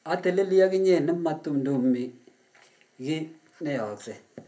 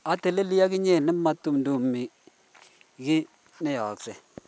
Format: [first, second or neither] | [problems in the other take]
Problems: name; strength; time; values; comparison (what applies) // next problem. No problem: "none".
second | room echo; dies away in 0.3 s